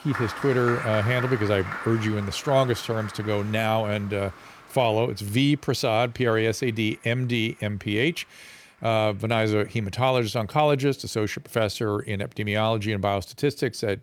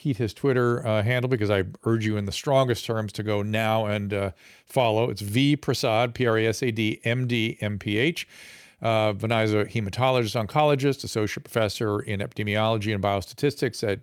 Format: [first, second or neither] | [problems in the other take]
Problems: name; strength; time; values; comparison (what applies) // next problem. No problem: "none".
second | crowd noise; noticeable; throughout; 10 dB below the speech